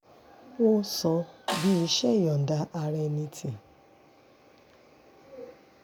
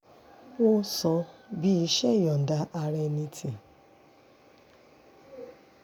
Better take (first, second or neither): second